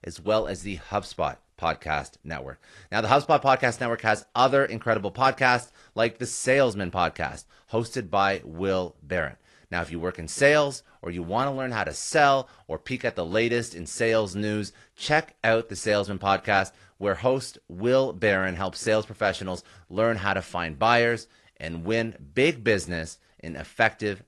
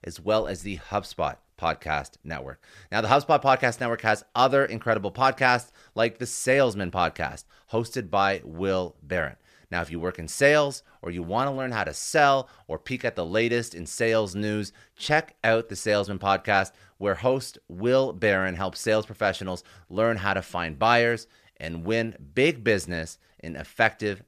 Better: second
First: garbled, watery; slightly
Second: none

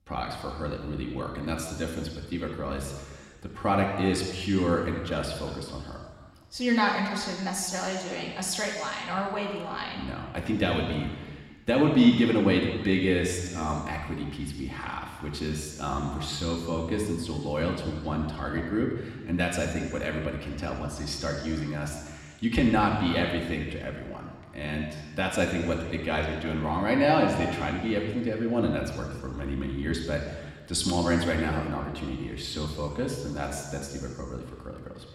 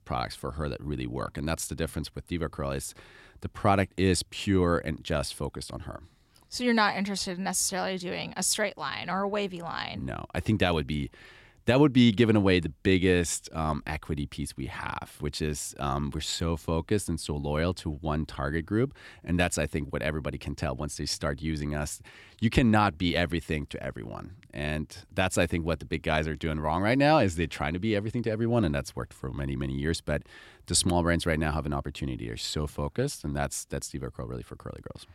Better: second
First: room echo; noticeable; dies away in 1.5 s // off-mic speech; somewhat distant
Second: none

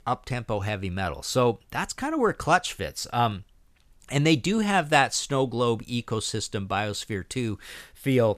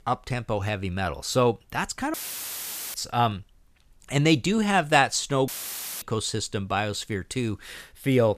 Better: first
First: none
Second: audio cutting out; filled with static; at 2 s for 1 s and at 5.5 s for 0.5 s

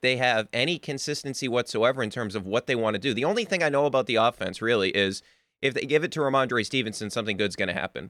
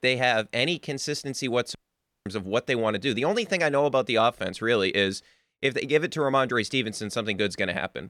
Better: first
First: none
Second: audio cutting out; at 2 s for 0.5 s

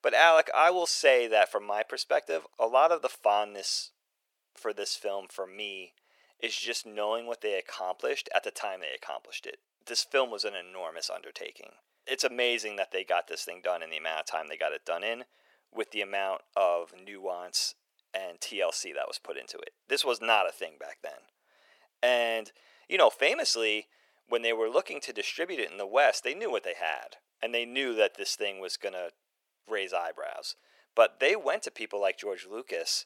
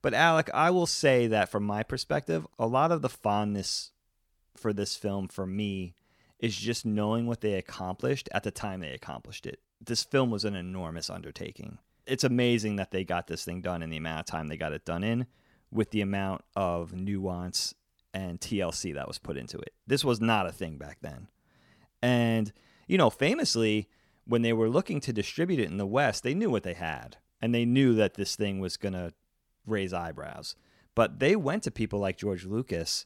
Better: second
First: thin; very; fading below 450 Hz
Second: none

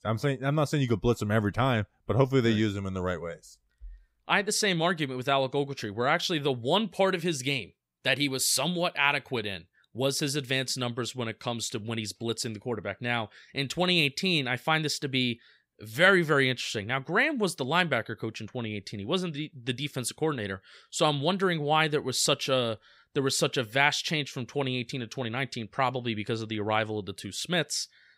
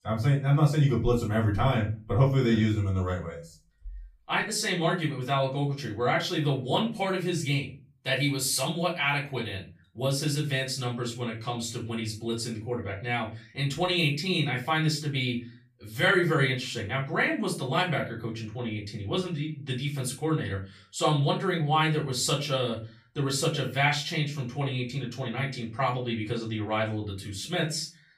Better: first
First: none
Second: off-mic speech; far // room echo; slight; dies away in 0.3 s

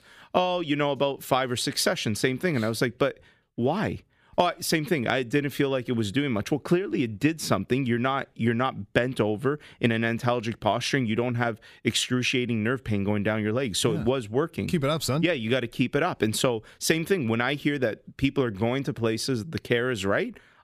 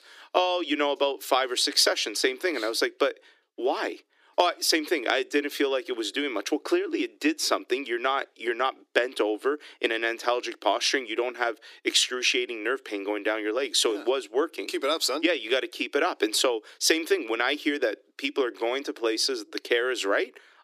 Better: first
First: none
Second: thin; somewhat; fading below 300 Hz

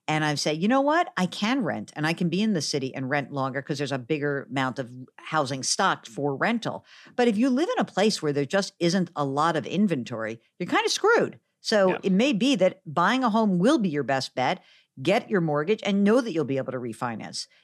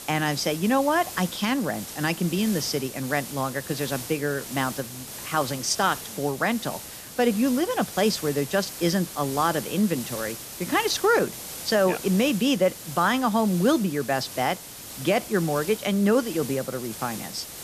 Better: first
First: none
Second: hiss; noticeable; throughout; 10 dB below the speech

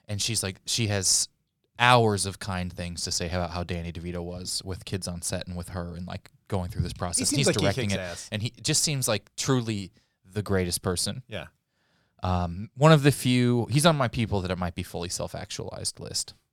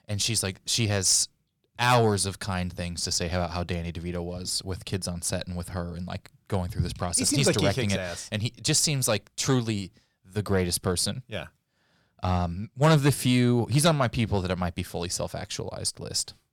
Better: first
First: none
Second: distortion; slight; 10 dB below the speech

